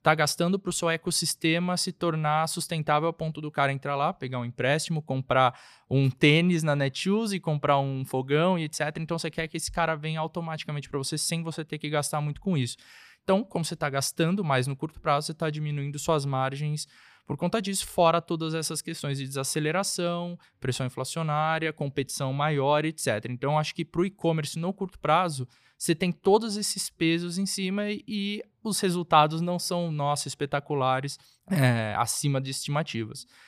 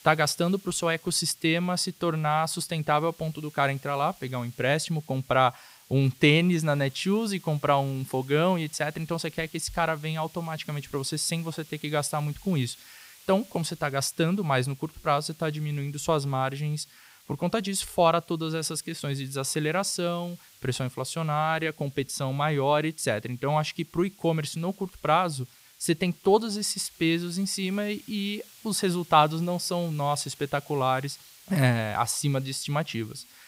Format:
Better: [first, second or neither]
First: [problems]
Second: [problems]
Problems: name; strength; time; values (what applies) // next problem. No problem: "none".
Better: first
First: none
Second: hiss; faint; throughout; 25 dB below the speech